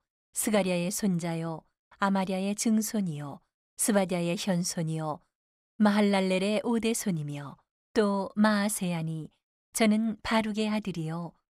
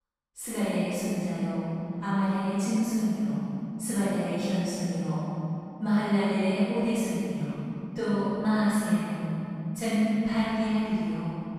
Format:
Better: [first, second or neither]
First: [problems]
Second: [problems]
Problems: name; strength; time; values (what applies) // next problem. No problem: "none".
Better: first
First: none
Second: off-mic speech; far // room echo; strong; dies away in 3 s